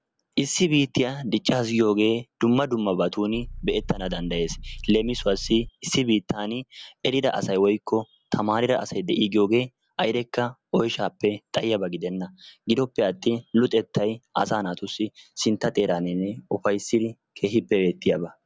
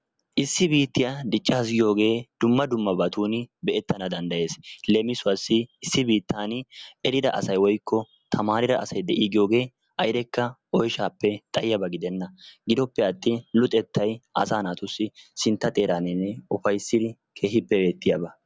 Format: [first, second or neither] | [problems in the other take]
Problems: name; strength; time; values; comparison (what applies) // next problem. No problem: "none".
second | background sound (Idling / Car); 12 dB below the speech